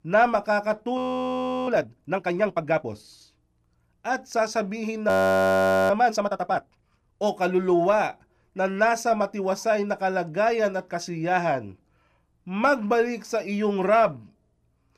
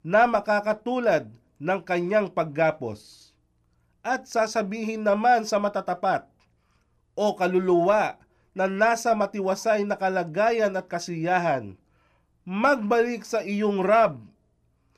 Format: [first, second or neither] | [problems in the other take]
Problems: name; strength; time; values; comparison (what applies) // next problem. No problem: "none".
second | audio freezing; at 1 s for 0.5 s and at 5 s for 1 s